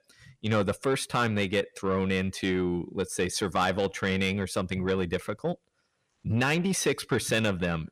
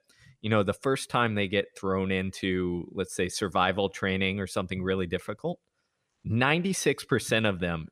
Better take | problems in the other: second | distortion; slight; 10 dB below the speech

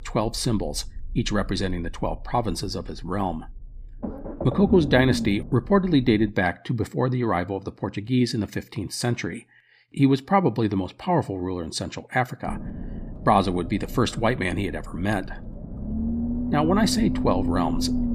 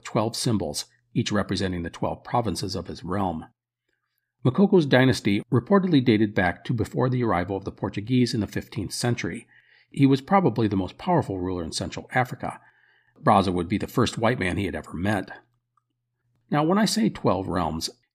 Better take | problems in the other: second | low rumble; noticeable; until 6.5 s and from 12 s on; 10 dB below the speech

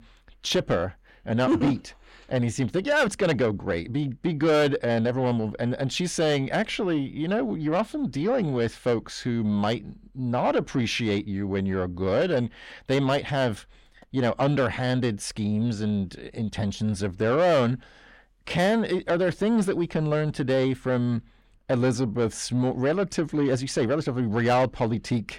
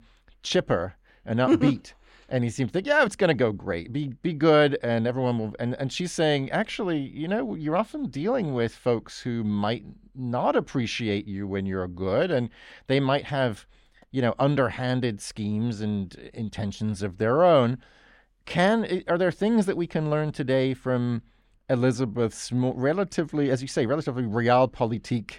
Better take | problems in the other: second | distortion; slight; 10 dB below the speech

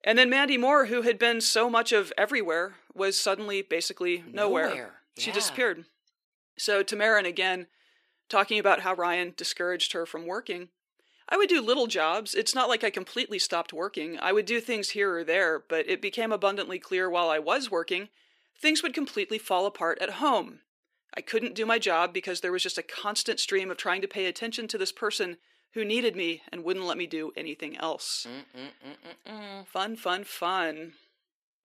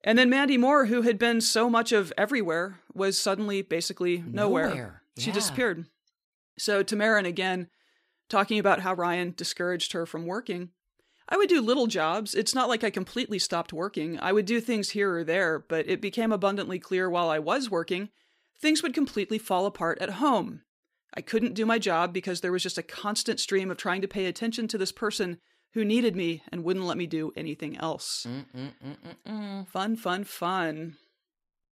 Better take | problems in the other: second | thin; somewhat; fading below 400 Hz

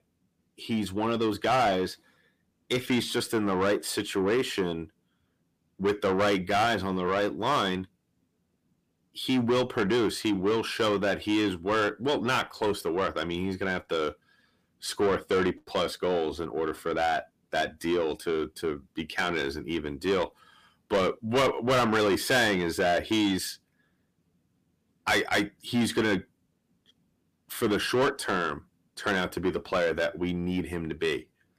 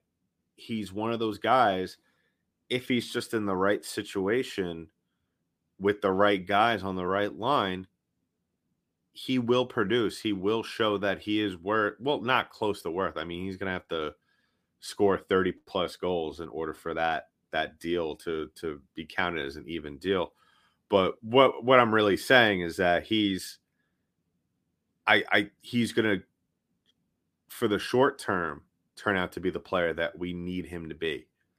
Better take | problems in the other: second | distortion; heavy; 6 dB below the speech

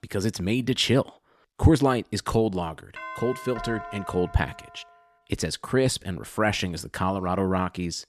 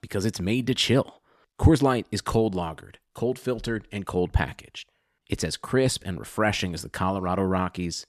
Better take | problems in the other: second | doorbell; faint; from 3 to 5 s; peak 10 dB below the speech

